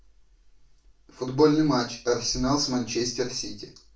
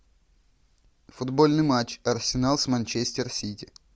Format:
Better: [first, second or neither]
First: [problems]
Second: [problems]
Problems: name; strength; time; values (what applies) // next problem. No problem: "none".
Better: second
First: room echo; dies away in 0.3 s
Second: none